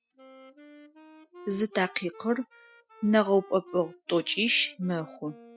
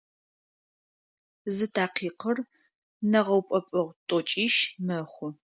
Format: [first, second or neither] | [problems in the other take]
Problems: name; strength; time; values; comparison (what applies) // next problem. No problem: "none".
second | noise reduction (classical method Wiener filter)